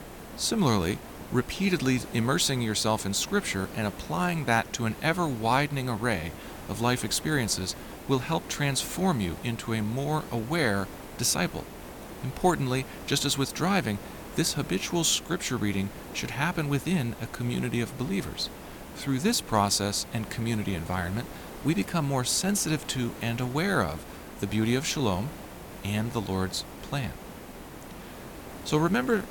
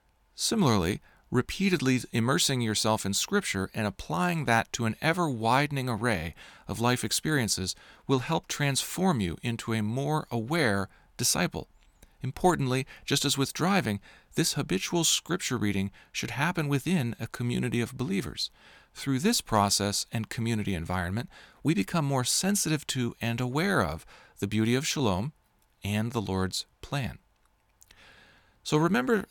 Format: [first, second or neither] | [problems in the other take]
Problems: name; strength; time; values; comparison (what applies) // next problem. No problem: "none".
second | hiss; noticeable; throughout; 15 dB below the speech